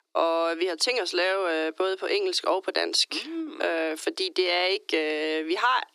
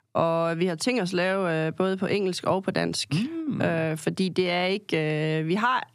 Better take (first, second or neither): second